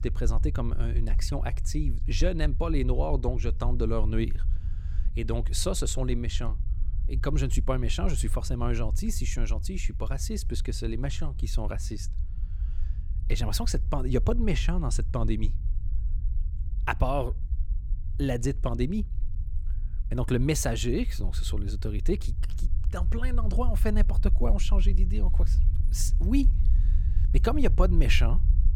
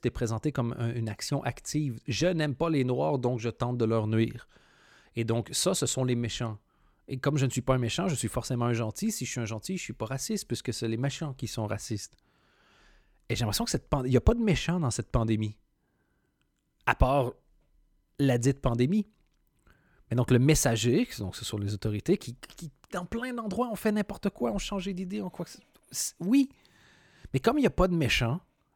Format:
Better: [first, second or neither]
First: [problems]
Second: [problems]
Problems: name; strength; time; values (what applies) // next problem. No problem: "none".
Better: second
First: low rumble; noticeable; throughout; 15 dB below the speech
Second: none